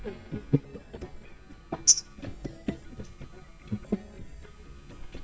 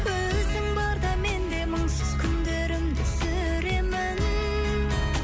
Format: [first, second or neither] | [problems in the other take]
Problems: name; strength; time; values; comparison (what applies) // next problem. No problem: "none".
second | noise reduction (neural mask model DeepFilterNet 3)